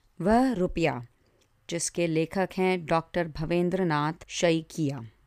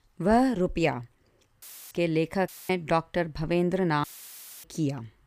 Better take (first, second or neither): first